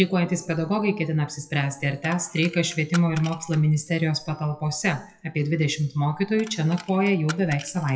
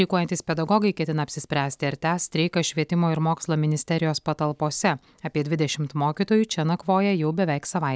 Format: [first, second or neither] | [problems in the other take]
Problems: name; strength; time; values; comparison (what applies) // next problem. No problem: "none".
second | noise reduction (classical method WPE with log-MMSE)